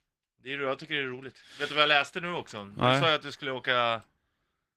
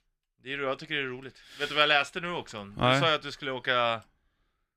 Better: second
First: garbled, watery; slightly; nothing above 14.5 kHz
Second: none

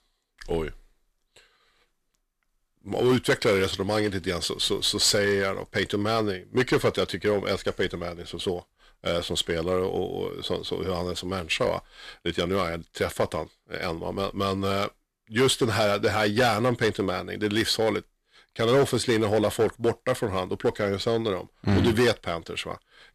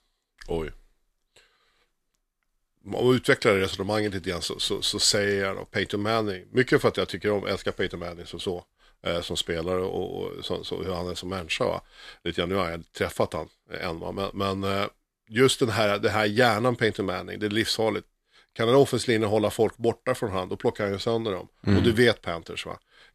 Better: second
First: distortion; slight; 3% of the sound clipped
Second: none

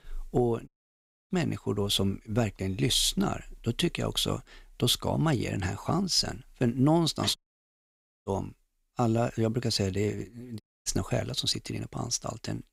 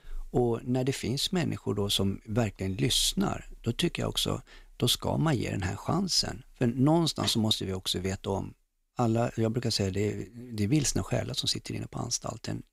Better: second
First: audio cutting out; at 0.5 s for 0.5 s, at 7.5 s for 1 s and at 11 s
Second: none

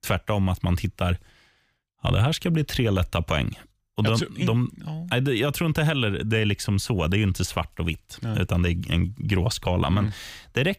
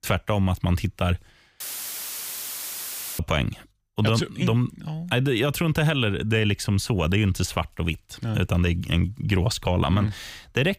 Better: first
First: none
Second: audio cutting out; filled with static; at 1.5 s for 1.5 s

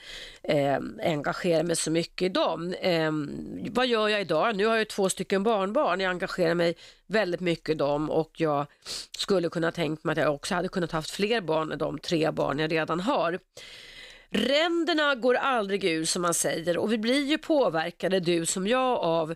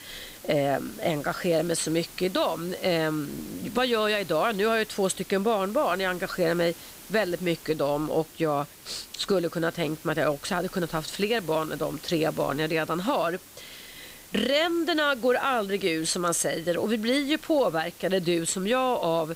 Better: first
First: none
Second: hiss; noticeable; throughout; 20 dB below the speech

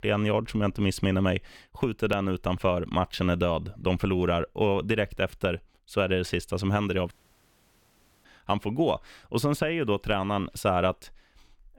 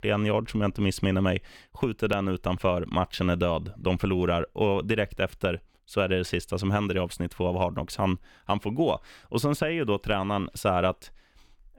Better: second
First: audio cutting out; at 7 s for 1 s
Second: none

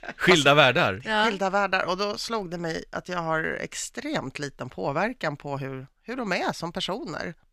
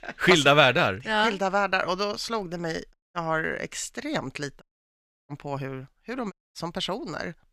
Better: first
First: none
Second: audio cutting out; at 3 s, at 4.5 s for 0.5 s and at 6.5 s

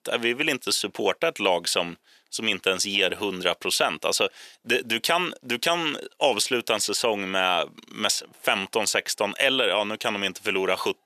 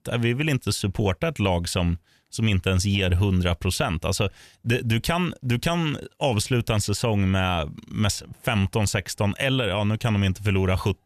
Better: second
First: thin; very; fading below 350 Hz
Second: none

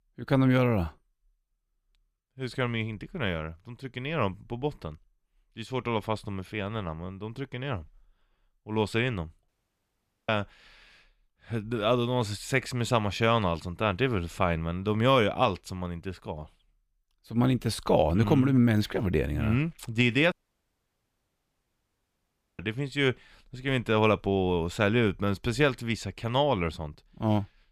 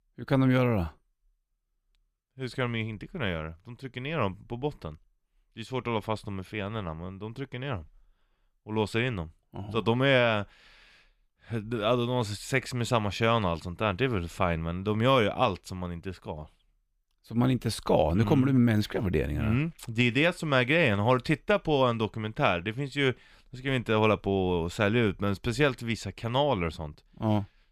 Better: second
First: audio cutting out; at 9.5 s for 1 s and at 20 s for 2.5 s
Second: none

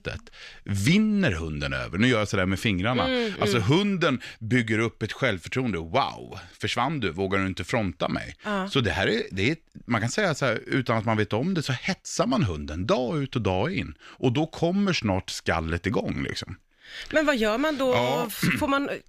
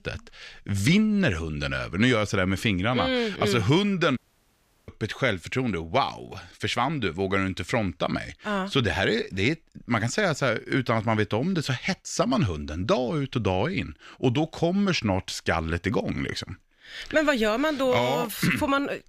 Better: first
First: none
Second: audio cutting out; at 4 s for 0.5 s

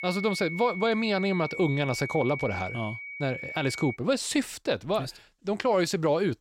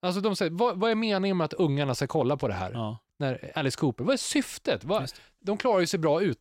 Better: second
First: high-pitched whine; loud; until 4 s; 2.5 kHz, 8 dB below the speech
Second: none

